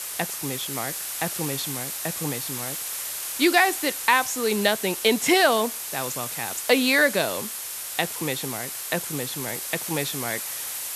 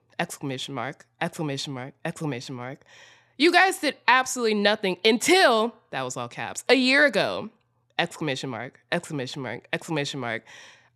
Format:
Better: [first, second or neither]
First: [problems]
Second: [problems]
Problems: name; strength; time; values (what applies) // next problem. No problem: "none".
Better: second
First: hiss; loud; throughout; 5 dB below the speech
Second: none